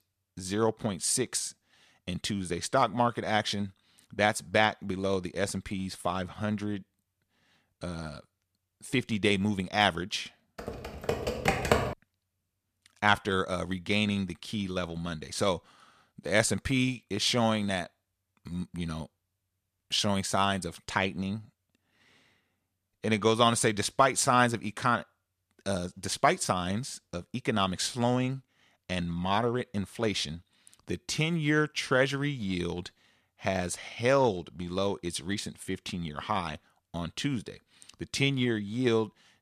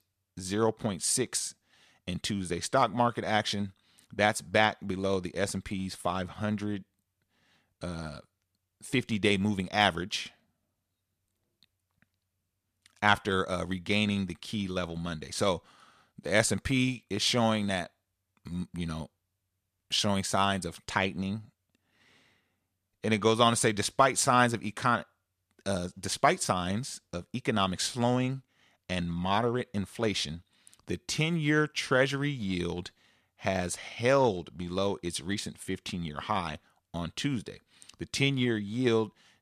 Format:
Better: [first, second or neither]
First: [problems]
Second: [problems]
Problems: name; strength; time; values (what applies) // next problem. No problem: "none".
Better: second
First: keyboard typing; loud; from 11 to 12 s; peak 3 dB above the speech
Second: none